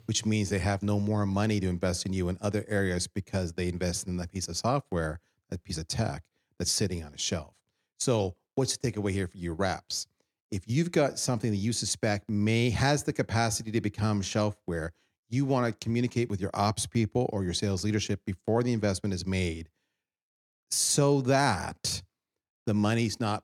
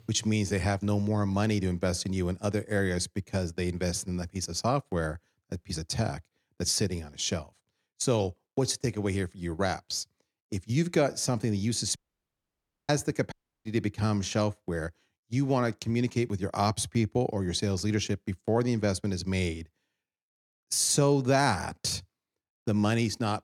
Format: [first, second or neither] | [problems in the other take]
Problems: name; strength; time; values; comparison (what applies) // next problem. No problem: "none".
first | audio cutting out; at 12 s for 1 s and at 13 s